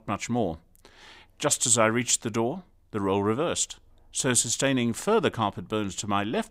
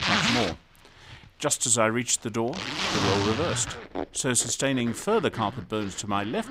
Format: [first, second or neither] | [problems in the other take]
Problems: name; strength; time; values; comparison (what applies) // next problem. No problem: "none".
first | household noises; loud; throughout; 3 dB below the speech